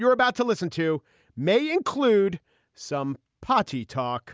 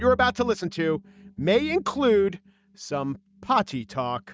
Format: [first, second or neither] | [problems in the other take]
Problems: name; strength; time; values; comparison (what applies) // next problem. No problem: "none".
first | noise reduction (neural mask model RNNoise)